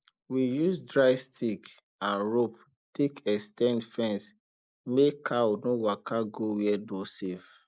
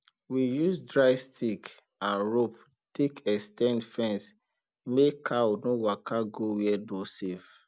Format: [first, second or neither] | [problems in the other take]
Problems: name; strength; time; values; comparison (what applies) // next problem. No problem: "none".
second | noise reduction (neural mask model Resemble Enhance denoiser)